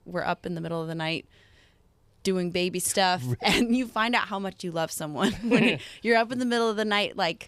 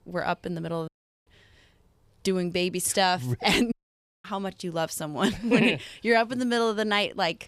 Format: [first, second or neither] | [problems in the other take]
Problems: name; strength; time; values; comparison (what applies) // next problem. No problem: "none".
first | audio cutting out; at 1 s and at 3.5 s for 0.5 s